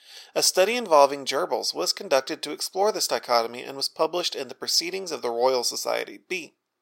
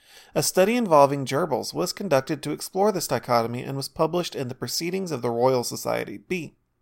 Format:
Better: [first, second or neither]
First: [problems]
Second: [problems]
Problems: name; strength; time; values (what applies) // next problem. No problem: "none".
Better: second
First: thin; somewhat; fading below 450 Hz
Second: none